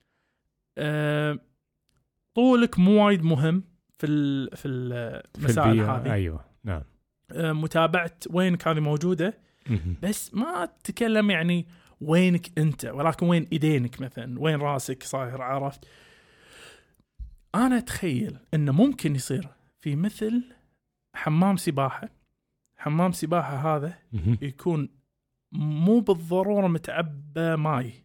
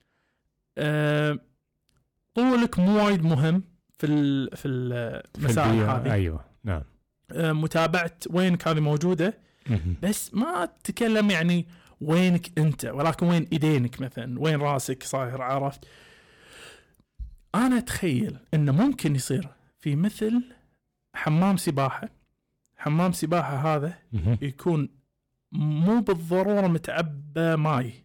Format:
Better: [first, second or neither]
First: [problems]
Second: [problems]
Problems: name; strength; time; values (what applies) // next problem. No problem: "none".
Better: first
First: none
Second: distortion; slight; 7% of the sound clipped